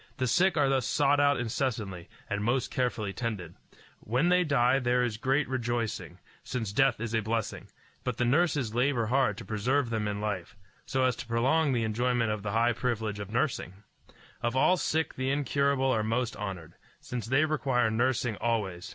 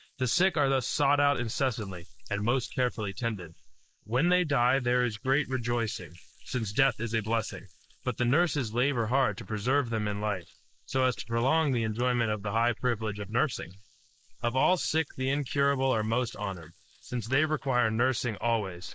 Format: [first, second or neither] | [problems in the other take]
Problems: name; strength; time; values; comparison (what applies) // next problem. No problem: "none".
first | noise reduction (neural mask model Resemble Enhance denoiser)